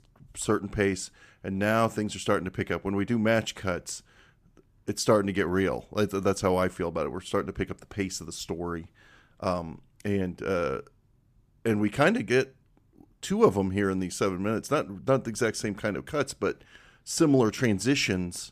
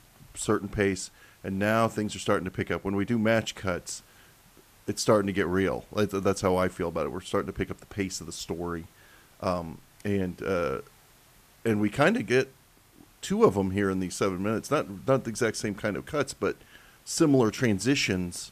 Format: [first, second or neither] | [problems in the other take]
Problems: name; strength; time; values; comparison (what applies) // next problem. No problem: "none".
first | hiss; faint; throughout; 30 dB below the speech